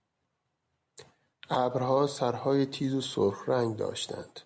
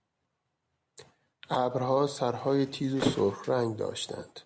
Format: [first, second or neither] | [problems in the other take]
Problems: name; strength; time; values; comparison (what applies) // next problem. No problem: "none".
first | background sound (Thump, thud); 7 dB below the speech